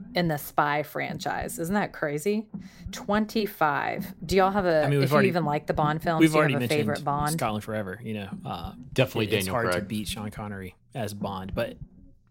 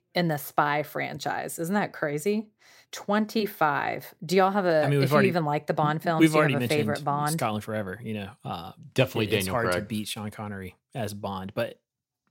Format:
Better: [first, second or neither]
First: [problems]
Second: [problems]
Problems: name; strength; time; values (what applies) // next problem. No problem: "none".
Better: second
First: low rumble; faint; throughout; 25 dB below the speech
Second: none